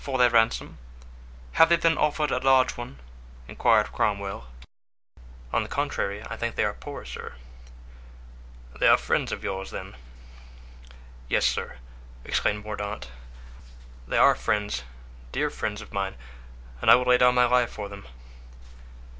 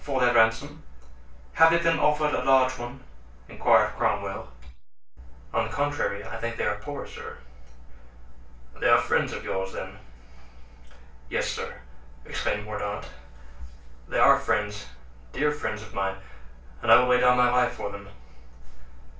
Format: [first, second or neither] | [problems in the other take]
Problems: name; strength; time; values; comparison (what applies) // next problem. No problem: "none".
first | room echo; dies away in 0.3 s